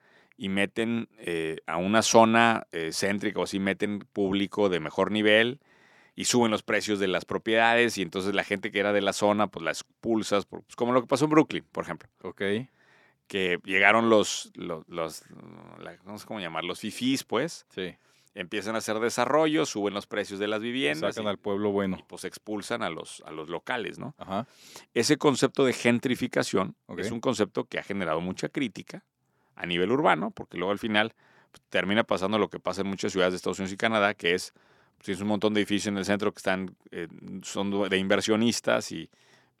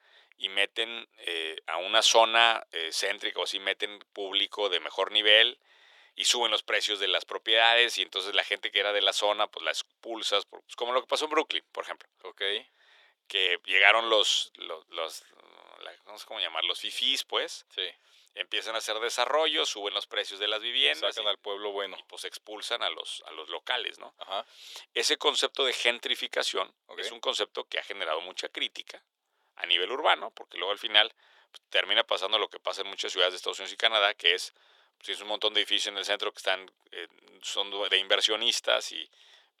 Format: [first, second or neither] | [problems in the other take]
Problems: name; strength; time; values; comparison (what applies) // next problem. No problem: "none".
first | thin; very; fading below 450 Hz